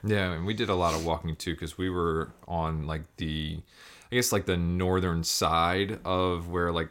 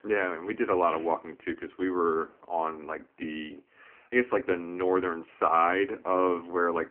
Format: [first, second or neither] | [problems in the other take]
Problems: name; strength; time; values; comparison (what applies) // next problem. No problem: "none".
first | phone-call audio; poor line